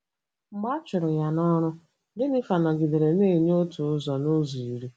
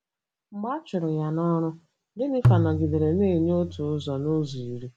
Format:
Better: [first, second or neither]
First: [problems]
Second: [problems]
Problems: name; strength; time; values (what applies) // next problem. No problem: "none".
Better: first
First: none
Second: background sound (Tabla); 1 dB below the speech